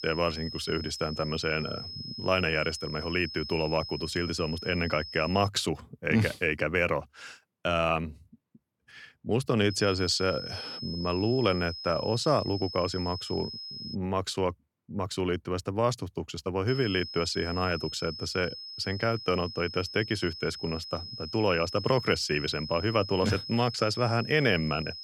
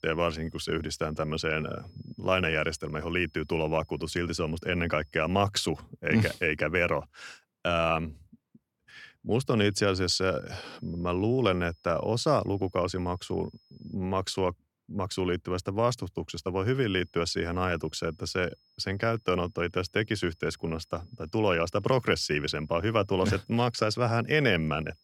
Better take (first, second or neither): second